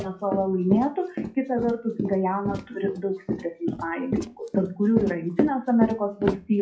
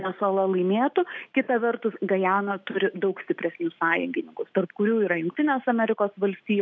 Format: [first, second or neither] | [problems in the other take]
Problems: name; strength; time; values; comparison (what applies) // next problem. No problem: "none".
second | noise reduction (classical method WPE with log-MMSE)